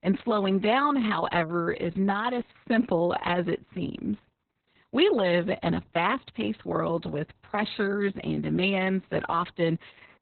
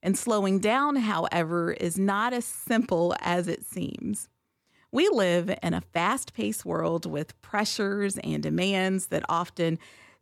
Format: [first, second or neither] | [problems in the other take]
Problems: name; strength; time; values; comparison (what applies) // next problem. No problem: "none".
second | garbled, watery; badly; nothing above 4 kHz